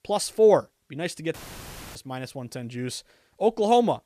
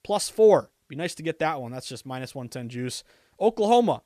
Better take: second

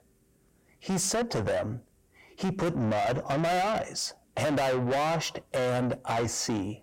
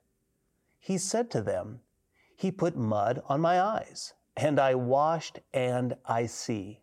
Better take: second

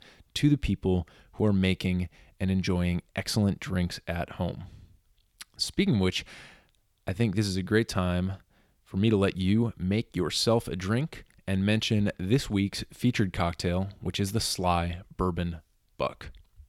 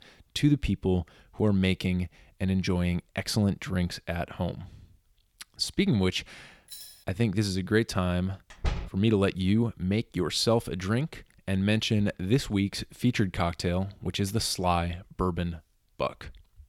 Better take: first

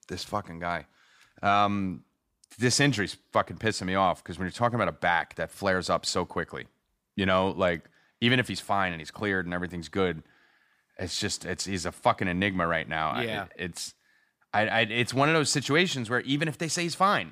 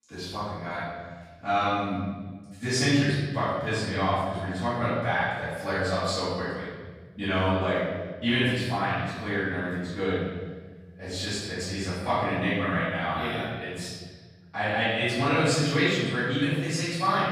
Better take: first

